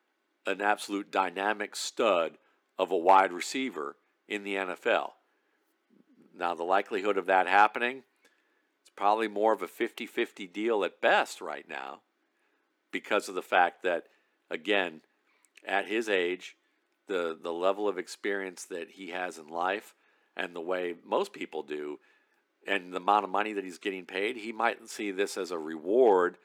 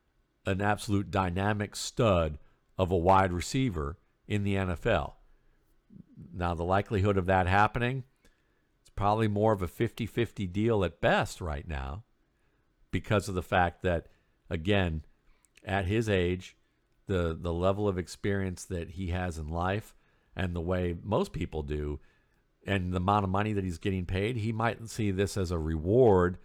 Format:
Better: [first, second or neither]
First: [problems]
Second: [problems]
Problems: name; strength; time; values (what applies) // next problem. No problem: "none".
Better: second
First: thin; somewhat; fading below 250 Hz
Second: none